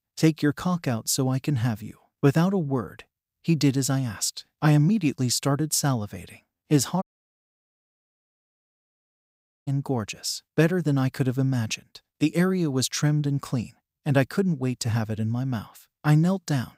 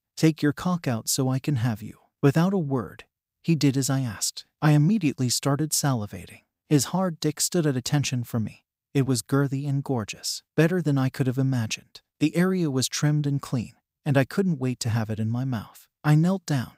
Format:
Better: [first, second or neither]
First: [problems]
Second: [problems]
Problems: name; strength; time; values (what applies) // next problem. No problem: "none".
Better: second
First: audio cutting out; at 7 s for 2.5 s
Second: none